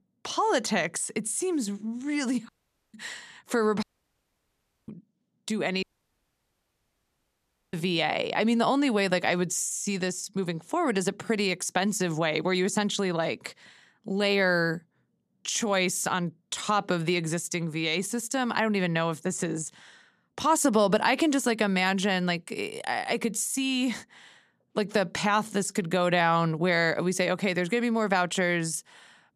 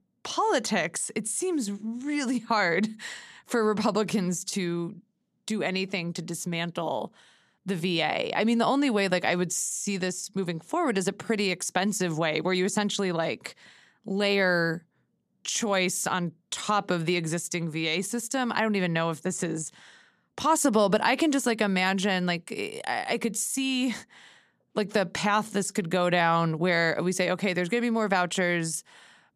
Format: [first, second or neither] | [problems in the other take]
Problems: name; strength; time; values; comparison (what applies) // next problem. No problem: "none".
second | audio cutting out; at 2.5 s, at 4 s for 1 s and at 6 s for 2 s